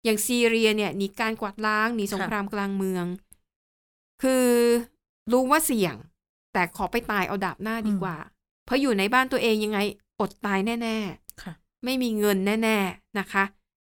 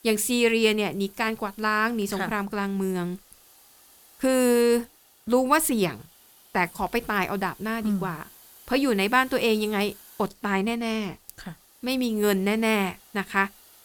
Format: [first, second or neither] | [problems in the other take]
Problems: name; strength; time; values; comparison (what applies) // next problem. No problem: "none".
first | hiss; faint; throughout; 25 dB below the speech